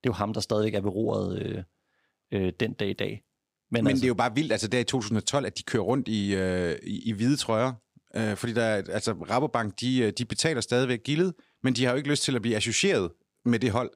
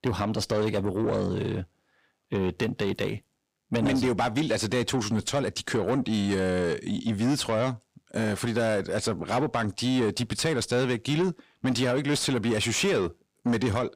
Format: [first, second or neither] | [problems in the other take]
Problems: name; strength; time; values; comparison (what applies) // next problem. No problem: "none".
first | distortion; slight; 10 dB below the speech